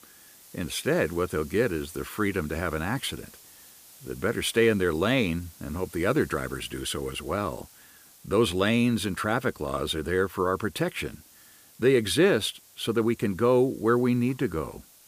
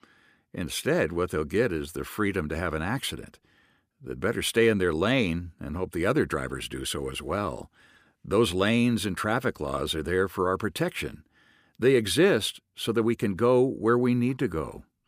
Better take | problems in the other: second | hiss; faint; throughout; 25 dB below the speech

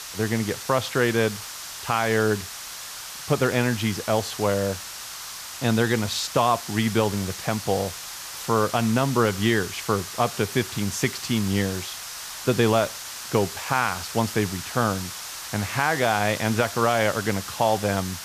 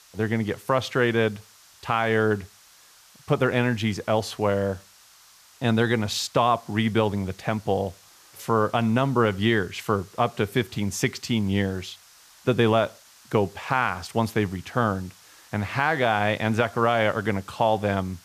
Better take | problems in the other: second | hiss; loud; throughout; 9 dB below the speech; faint in the second

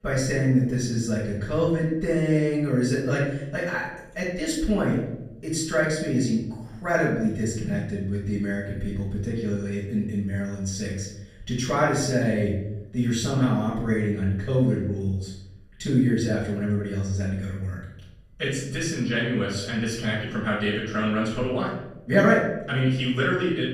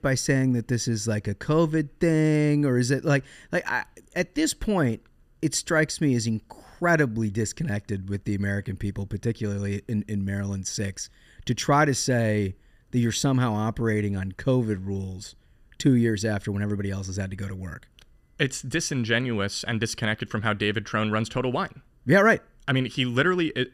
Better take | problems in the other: second | off-mic speech; far // room echo; noticeable; dies away in 0.8 s

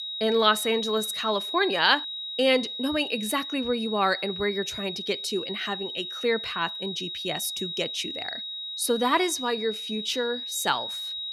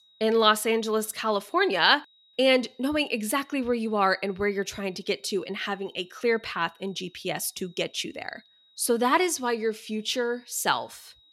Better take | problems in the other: second | high-pitched whine; loud; throughout; 4 kHz, 5 dB below the speech; faint in the second

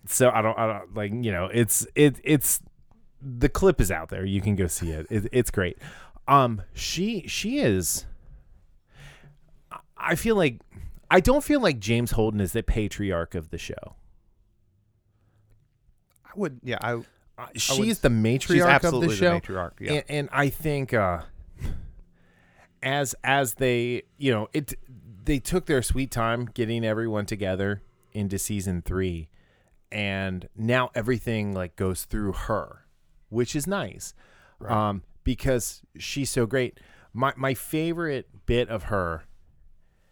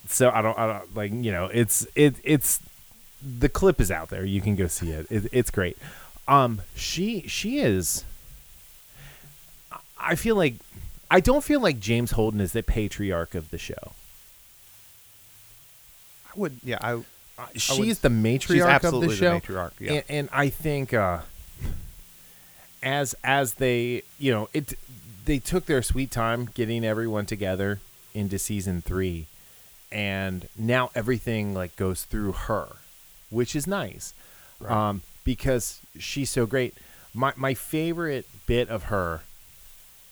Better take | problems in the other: first | hiss; faint; throughout; 25 dB below the speech

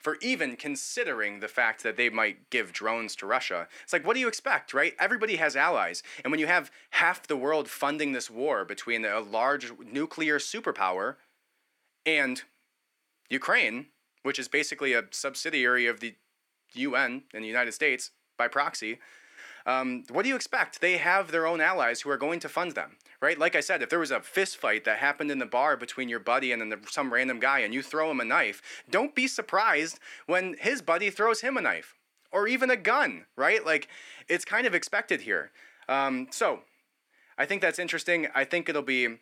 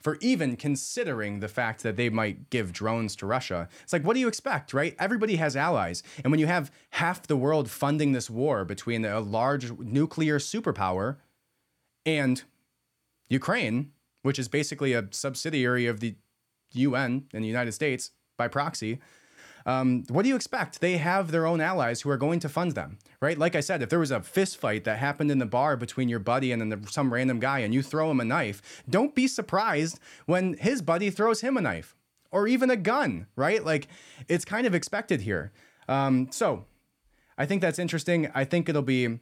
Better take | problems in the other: second | thin; somewhat; fading below 300 Hz

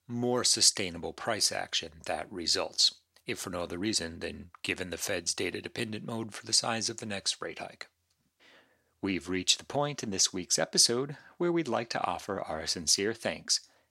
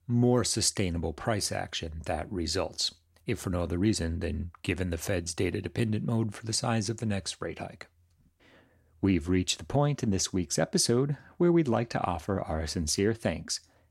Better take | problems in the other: second | thin; somewhat; fading below 550 Hz

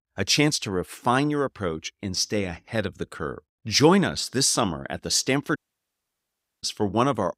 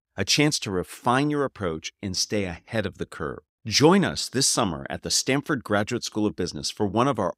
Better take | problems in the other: second | audio cutting out; at 5.5 s for 1 s

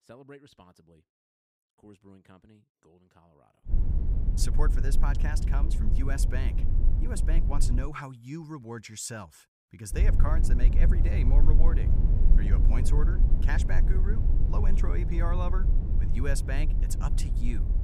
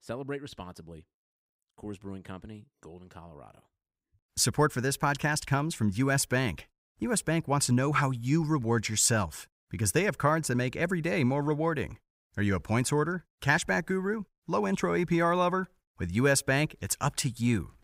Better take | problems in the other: second | low rumble; loud; from 3.5 to 8 s and from 10 s on; 5 dB below the speech

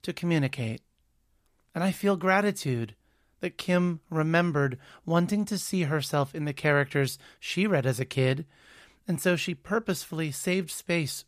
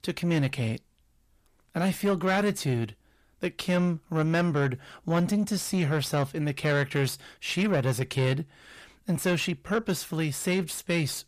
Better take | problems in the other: first | distortion; slight; 10 dB below the speech

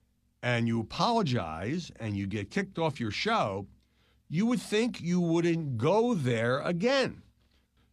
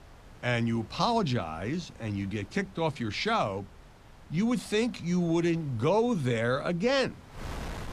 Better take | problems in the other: first | wind noise on the microphone; occasional gusts; 20 dB below the speech

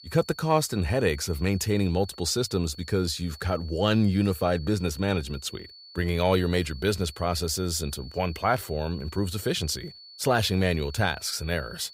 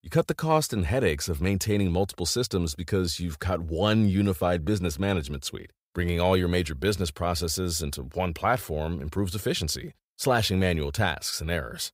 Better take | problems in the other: second | high-pitched whine; noticeable; throughout; 4.5 kHz, 20 dB below the speech

